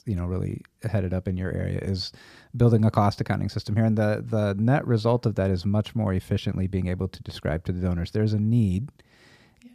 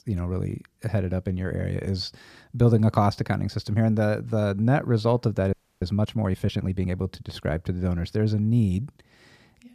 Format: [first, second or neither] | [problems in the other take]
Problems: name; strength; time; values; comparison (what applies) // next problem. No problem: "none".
first | audio freezing; at 5.5 s